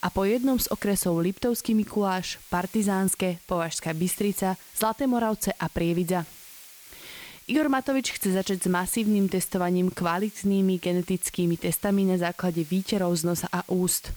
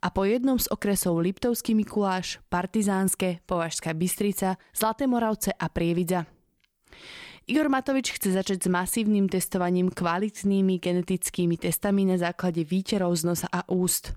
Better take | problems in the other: second | hiss; noticeable; throughout; 20 dB below the speech

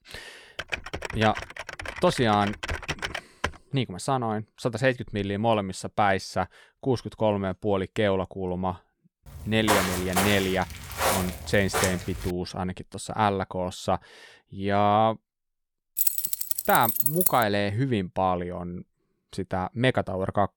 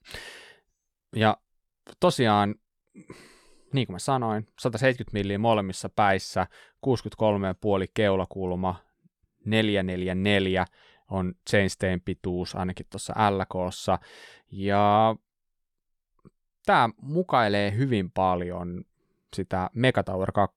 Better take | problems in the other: second | keyboard typing; noticeable; from 0.5 to 3.5 s; peak 4 dB below the speech // footsteps; loud; from 9.5 to 12 s; peak 2 dB above the speech // jangling keys; loud; from 16 to 17 s; peak 5 dB above the speech

